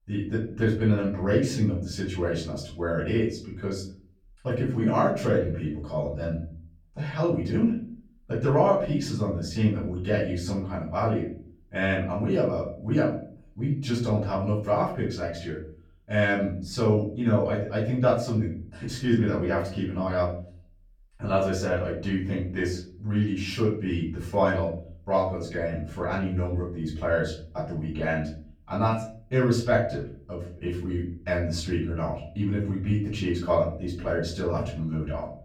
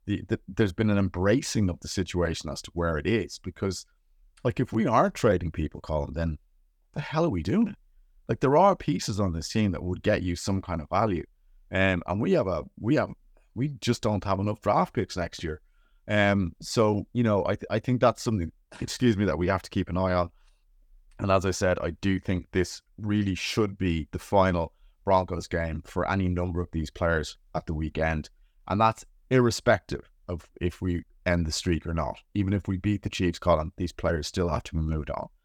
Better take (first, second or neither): second